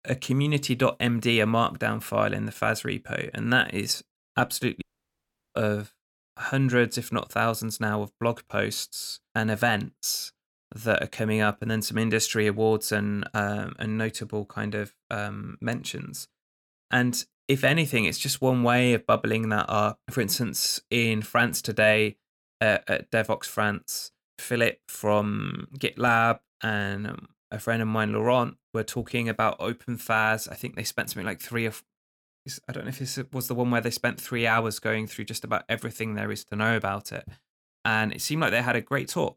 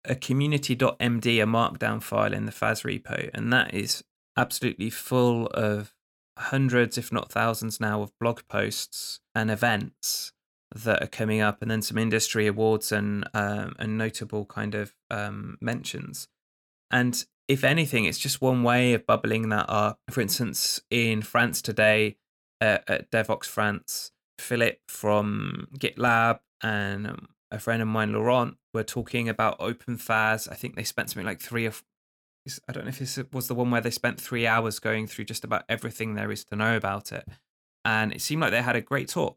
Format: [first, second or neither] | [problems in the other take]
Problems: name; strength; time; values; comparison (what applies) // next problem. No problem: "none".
second | audio cutting out; at 5 s for 0.5 s